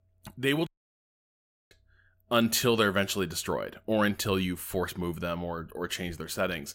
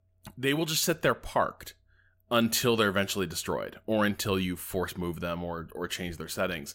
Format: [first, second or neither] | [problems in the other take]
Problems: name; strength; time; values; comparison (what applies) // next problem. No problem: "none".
second | audio cutting out; at 0.5 s for 1 s